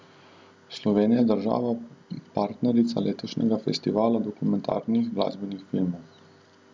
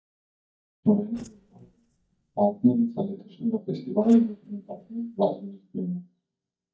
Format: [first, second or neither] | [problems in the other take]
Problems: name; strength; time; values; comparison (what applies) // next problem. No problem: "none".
first | noise reduction (neural mask model DeepFilterNet 3)